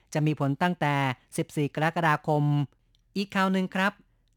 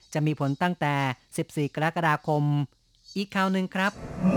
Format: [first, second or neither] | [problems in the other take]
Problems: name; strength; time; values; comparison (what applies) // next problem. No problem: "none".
first | animal sounds; noticeable; throughout; 10 dB below the speech